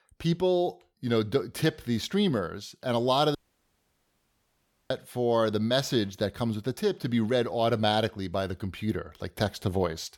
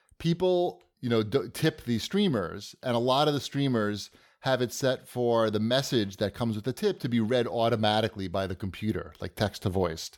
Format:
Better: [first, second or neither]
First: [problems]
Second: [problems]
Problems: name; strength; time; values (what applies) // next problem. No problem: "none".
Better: second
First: audio cutting out; at 3.5 s for 1.5 s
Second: none